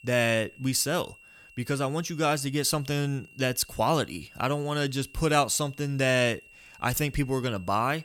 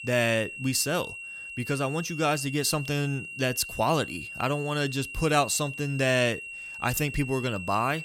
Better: first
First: high-pitched whine; faint; throughout; 3 kHz, 25 dB below the speech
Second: high-pitched whine; loud; throughout; 3 kHz, 10 dB below the speech

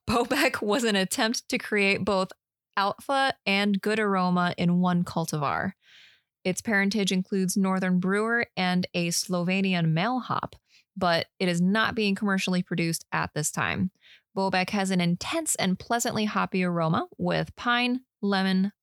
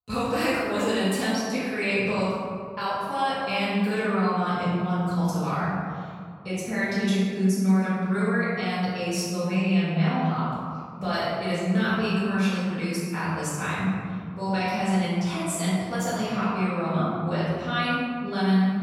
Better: first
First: none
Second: off-mic speech; far // room echo; strong; dies away in 2.1 s

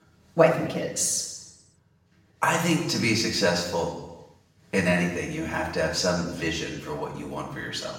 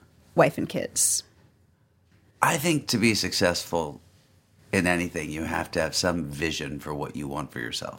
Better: second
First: room echo; noticeable; dies away in 0.9 s // off-mic speech; far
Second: none

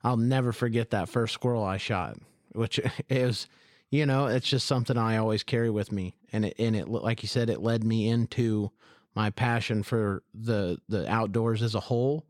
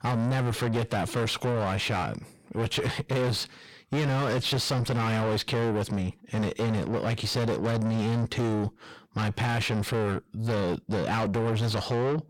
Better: first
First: none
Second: distortion; heavy; 6 dB below the speech

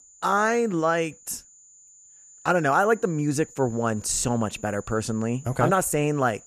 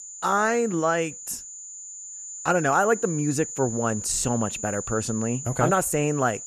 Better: first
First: high-pitched whine; faint; throughout; 7 kHz, 20 dB below the speech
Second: high-pitched whine; loud; throughout; 7 kHz, 9 dB below the speech

